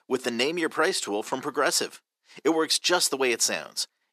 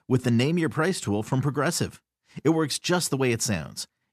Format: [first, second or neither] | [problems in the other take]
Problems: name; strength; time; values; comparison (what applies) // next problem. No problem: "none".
second | thin; somewhat; fading below 350 Hz